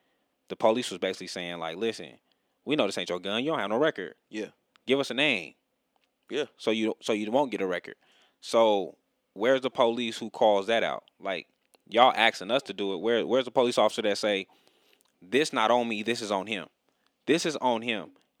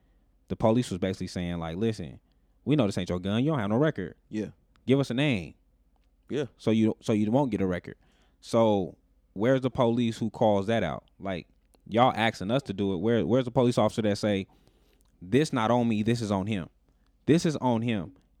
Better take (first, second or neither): second